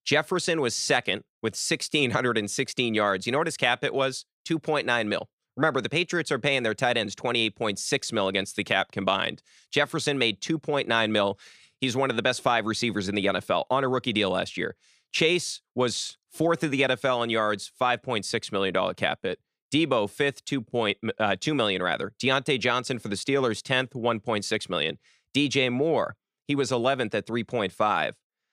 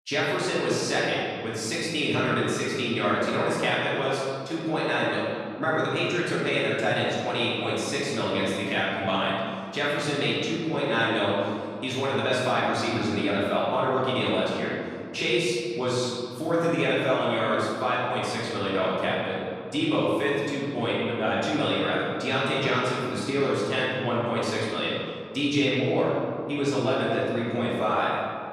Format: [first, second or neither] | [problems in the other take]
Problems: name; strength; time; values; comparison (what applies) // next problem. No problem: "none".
first | room echo; strong; dies away in 2.1 s // off-mic speech; far